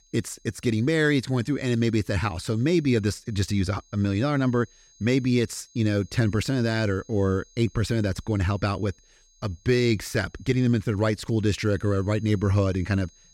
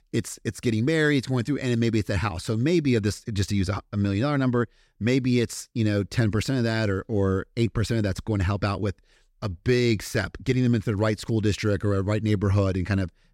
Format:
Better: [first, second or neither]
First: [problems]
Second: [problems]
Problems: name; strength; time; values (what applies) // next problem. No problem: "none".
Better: second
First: high-pitched whine; faint; throughout; 6.5 kHz, 30 dB below the speech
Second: none